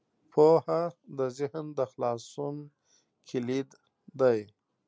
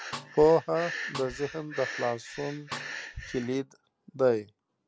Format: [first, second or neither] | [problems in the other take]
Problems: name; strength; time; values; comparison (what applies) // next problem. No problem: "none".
first | background sound (Breathing + Snare drum); 11 dB below the speech